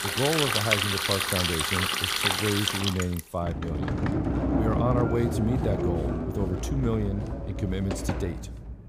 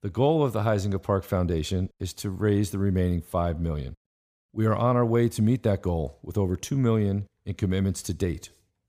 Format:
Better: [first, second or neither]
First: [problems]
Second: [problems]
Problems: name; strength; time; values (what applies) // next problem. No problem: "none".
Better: second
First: household noises; very loud; throughout; 2 dB above the speech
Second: none